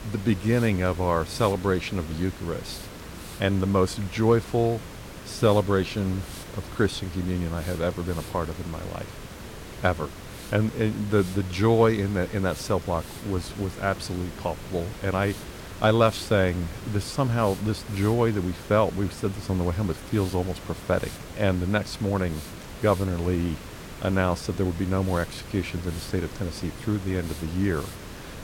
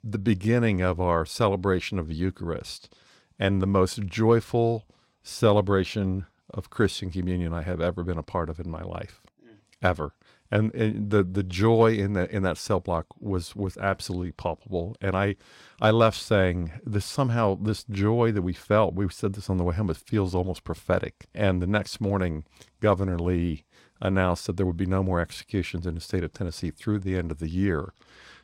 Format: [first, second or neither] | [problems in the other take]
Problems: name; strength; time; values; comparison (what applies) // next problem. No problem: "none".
second | hiss; noticeable; throughout; 15 dB below the speech